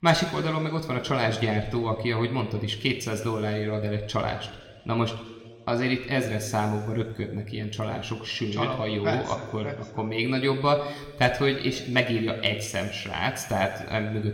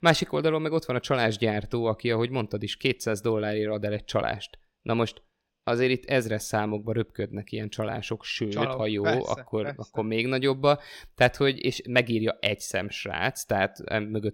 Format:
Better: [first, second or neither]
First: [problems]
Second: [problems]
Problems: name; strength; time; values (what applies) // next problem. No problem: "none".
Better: second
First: room echo; slight; dies away in 1.4 s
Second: none